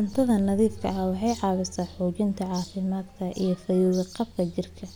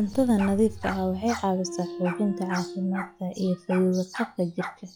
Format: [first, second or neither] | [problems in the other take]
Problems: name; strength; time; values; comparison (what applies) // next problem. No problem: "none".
first | noise reduction (classical method log-MMSE)